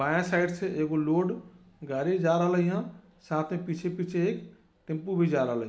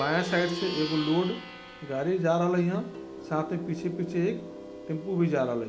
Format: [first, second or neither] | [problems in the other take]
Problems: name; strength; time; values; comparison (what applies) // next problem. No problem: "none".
first | background sound (Plucked string instrument); 11 dB below the speech